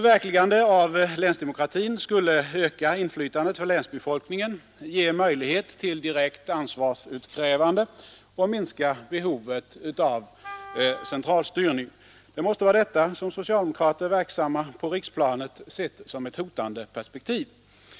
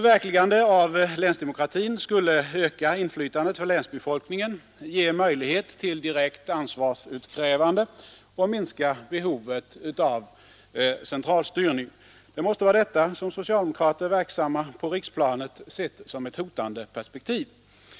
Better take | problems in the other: second | background sound (Wind instrument, woodwind instrument); 17 dB below the speech

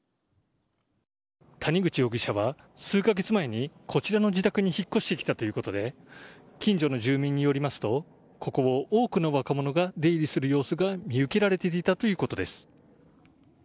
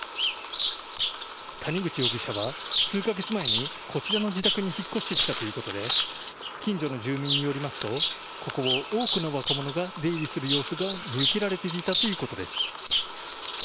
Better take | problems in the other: first | background sound (Bird vocalization, bird call, bird song); as loud as the speech

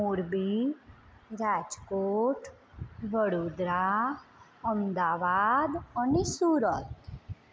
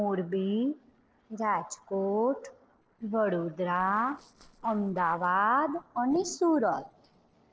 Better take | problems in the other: first | noise reduction (neural separator model SepFormer DNS4)

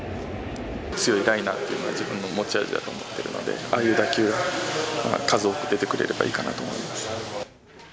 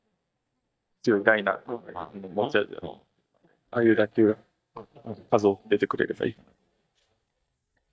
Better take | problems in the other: first | noise reduction (neural mask model DeepFilterNet 3)

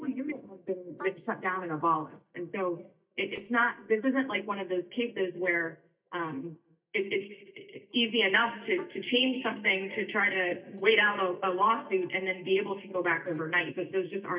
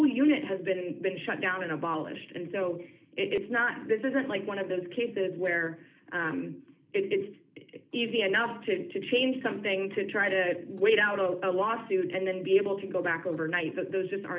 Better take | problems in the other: second | noise reduction (neural mask model DeepFilterNet 3)

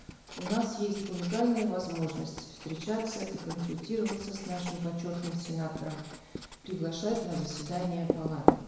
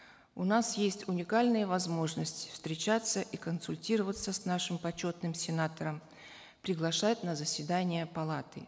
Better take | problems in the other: second | background sound (Writing); 4 dB below the speech // room echo; dies away in 1 s

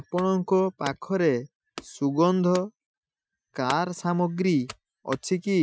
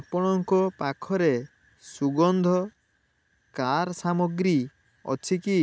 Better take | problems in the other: second | noise reduction (classical method Wiener filter)

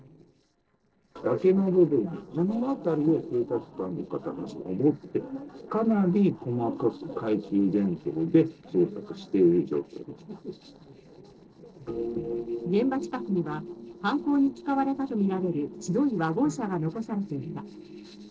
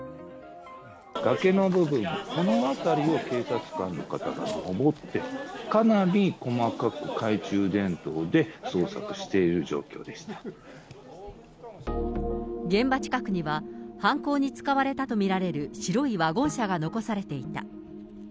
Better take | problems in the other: second | noise reduction (neural separator model SepFormer DNS4)

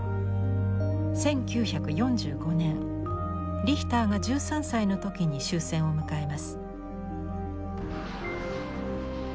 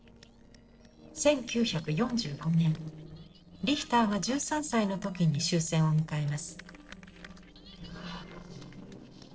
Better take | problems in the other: first | noise reduction (neural separator model SepFormer DNS4)

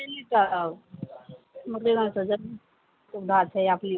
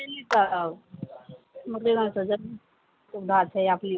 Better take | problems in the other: first | background sound (Clapping); 12 dB below the speech

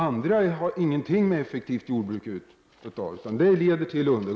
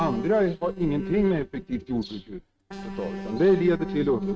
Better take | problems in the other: first | noise reduction (neural mask model RNNoise)

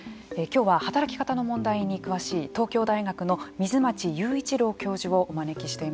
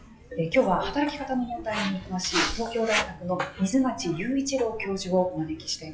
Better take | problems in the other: first | noise reduction (classical method WPE with log-MMSE)

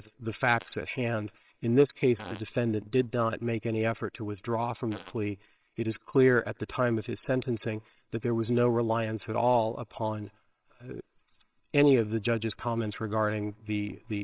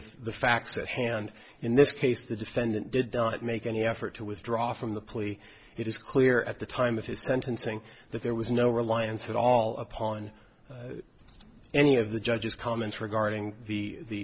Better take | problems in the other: second | noise reduction (neural separator model SepFormer WHAMR!)

